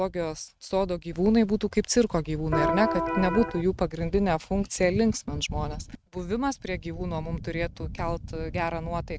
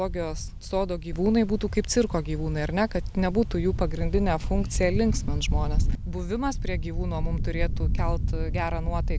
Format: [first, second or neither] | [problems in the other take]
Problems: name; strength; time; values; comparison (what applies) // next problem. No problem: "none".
second | noise reduction (neural mask model RNNoise)